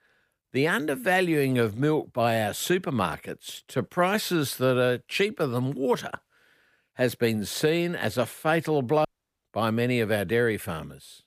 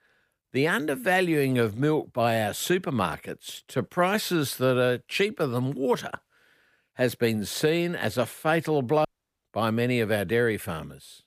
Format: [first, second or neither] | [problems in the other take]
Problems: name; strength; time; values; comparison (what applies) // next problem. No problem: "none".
neither | audio cutting out; at 9 s; the same in both